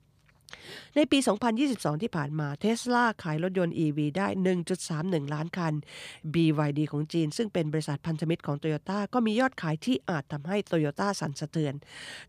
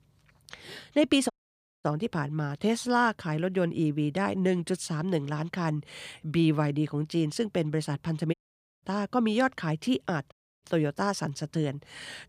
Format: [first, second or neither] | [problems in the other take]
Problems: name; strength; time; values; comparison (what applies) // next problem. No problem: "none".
first | audio cutting out; at 1.5 s for 0.5 s, at 8.5 s and at 10 s